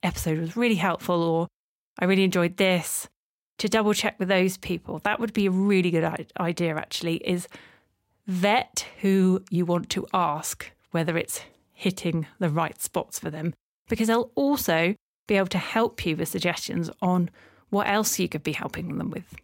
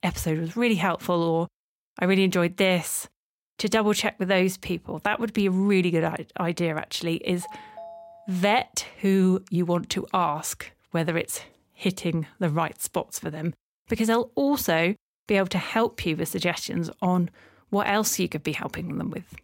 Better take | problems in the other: first | phone ringing; faint; from 7.5 to 8.5 s; peak 15 dB below the speech

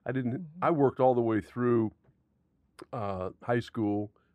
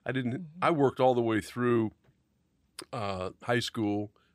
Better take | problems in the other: second | muffled; slightly; fading above 2 kHz

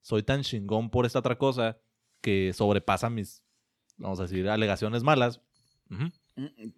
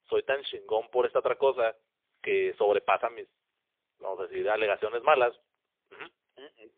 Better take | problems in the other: first | phone-call audio; poor line

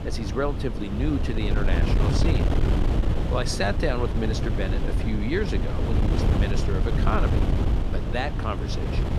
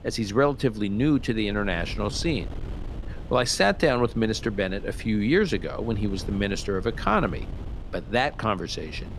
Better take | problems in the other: second | wind noise on the microphone; heavy; 3 dB below the speech; occasional gusts in the second

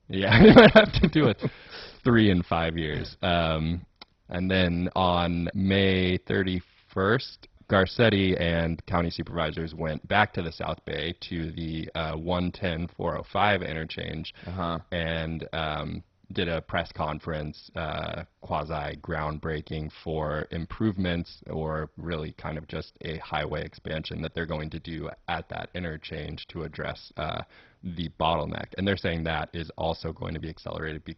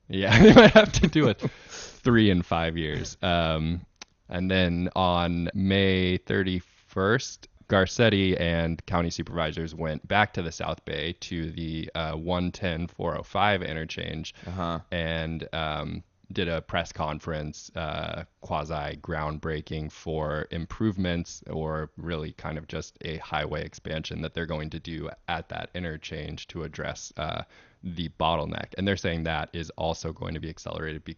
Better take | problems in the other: second | garbled, watery; badly; slightly in the second

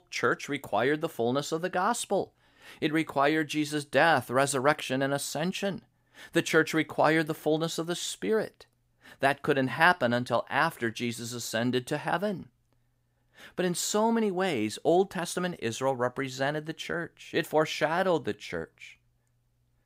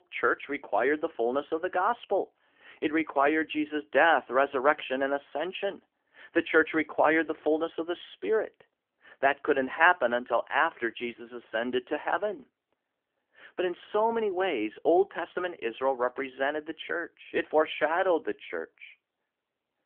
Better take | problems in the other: first | phone-call audio; nothing above 3.5 kHz

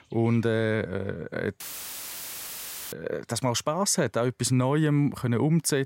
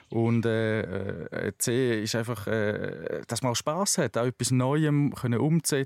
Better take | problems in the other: second | audio cutting out; filled with static; at 1.5 s for 1.5 s

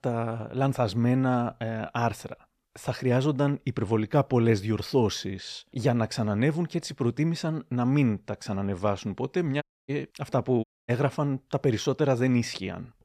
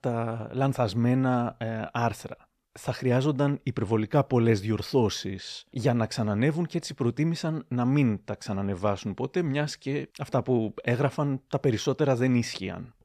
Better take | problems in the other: second | audio cutting out; at 9.5 s and at 11 s

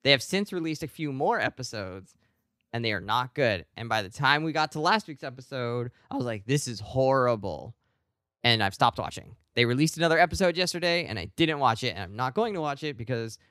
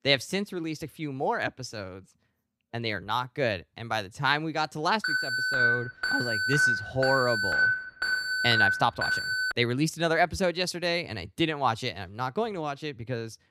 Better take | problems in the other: first | alarm; loud; from 5 to 9.5 s; peak 6 dB above the speech

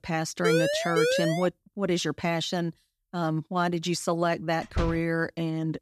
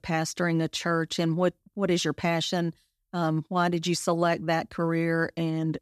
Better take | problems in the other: second | siren; loud; until 1.5 s; peak 3 dB above the speech // door banging; noticeable; at 5 s; peak 5 dB below the speech

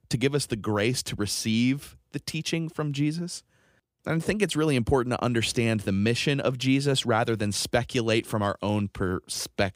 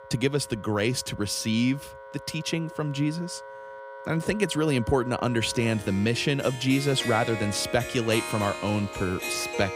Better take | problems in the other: first | background music; noticeable; throughout; 10 dB below the speech

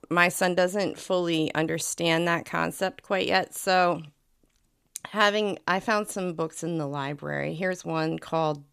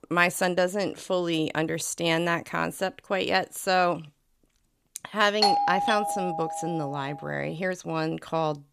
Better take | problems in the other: first | doorbell; loud; from 5.5 to 7 s; peak 5 dB above the speech

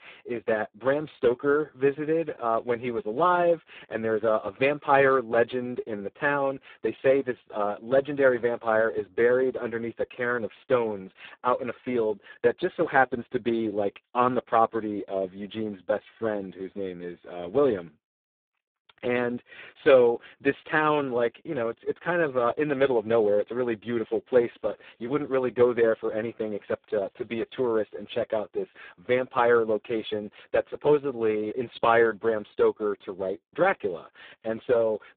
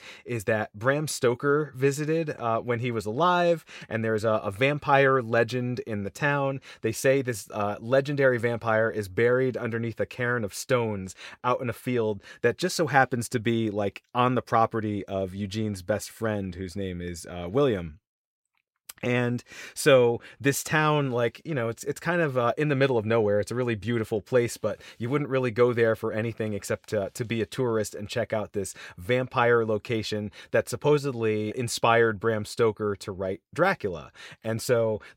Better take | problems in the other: second | phone-call audio; poor line; nothing above 3.5 kHz

